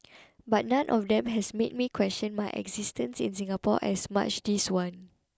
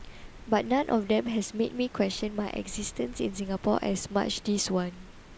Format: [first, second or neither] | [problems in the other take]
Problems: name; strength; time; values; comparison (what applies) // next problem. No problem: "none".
first | background sound (Rain); 17 dB below the speech